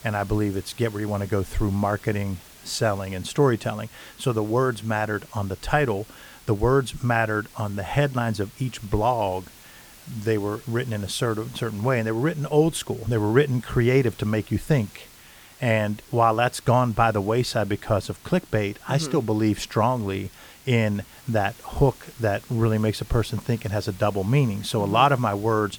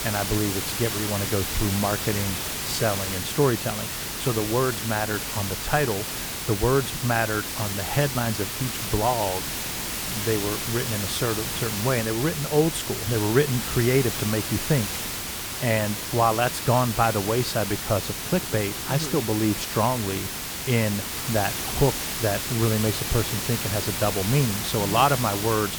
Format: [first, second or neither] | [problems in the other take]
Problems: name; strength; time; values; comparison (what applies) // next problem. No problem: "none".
first | hiss; loud; throughout; 2 dB below the speech; faint in the first